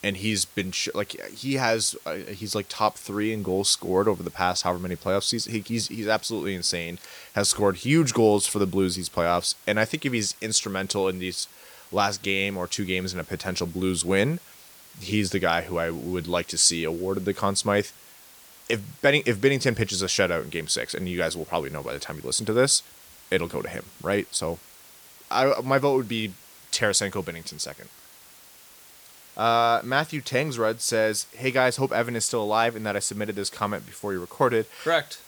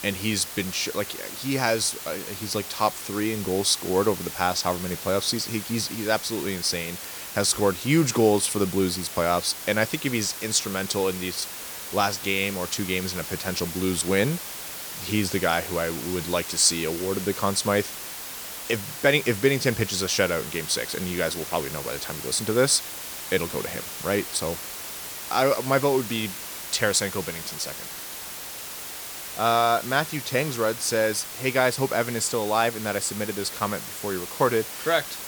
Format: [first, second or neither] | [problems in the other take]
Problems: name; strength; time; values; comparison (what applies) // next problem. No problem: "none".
first | hiss; loud; throughout; 8 dB below the speech; faint in the first